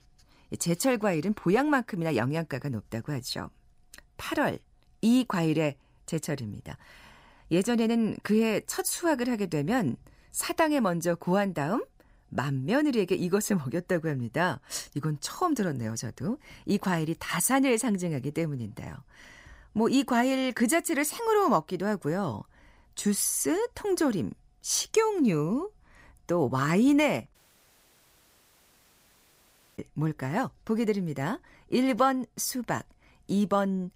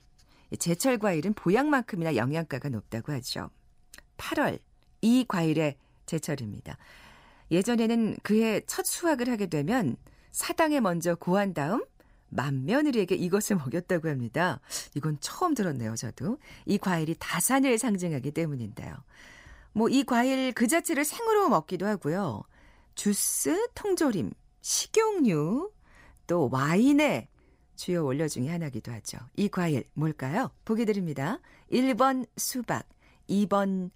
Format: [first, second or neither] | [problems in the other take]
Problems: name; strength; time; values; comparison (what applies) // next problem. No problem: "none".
second | audio cutting out; at 27 s for 2.5 s